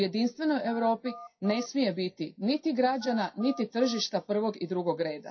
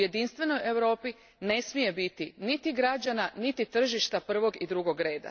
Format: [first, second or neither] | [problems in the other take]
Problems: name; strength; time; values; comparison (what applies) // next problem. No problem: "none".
second | noise reduction (classical method WPE with log-MMSE)